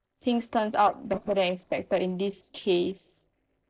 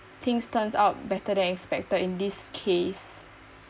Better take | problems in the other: second | noise reduction (neural separator model SepFormer DNS4)

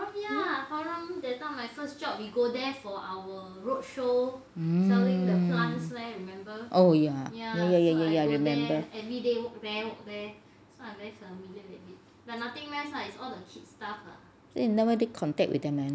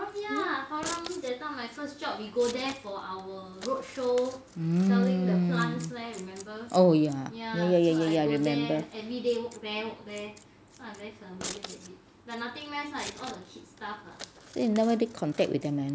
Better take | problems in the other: first | background sound (Scissors); 19 dB below the speech

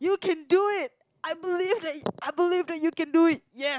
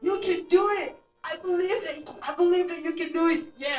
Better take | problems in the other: first | noise reduction (neural separator model SepFormer DNS4)

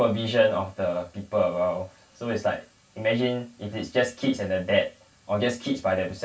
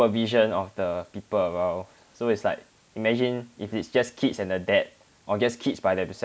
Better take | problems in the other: second | room echo; dies away in 0.2 s

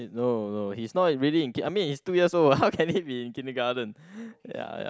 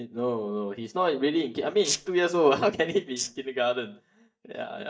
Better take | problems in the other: first | noise reduction (neural mask model DeepFilterNet 3)

